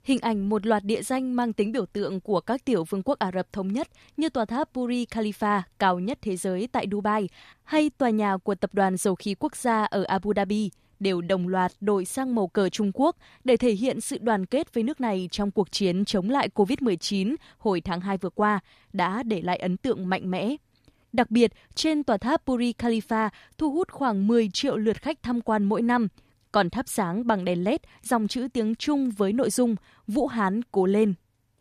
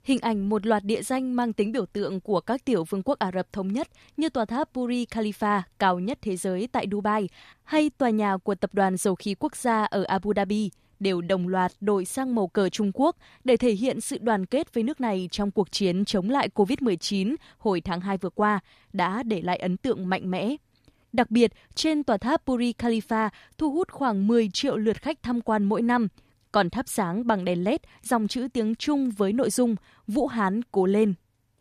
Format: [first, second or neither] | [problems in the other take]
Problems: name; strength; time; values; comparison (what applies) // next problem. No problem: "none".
neither | none